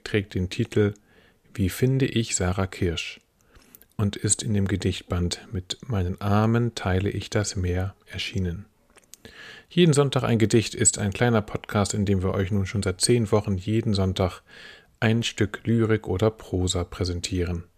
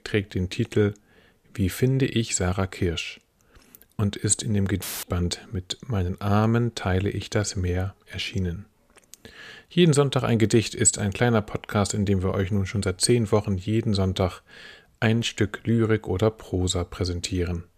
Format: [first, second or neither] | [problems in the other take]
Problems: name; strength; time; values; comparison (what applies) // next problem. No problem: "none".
first | audio cutting out; filled with static; at 5 s